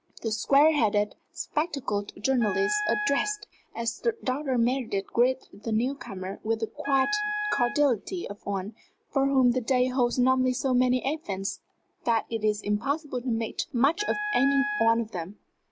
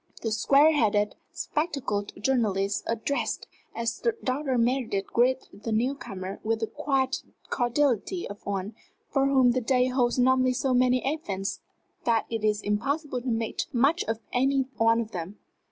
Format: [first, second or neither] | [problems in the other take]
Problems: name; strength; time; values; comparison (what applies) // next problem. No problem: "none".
second | background sound (Wind instrument, woodwind instrument); 7 dB below the speech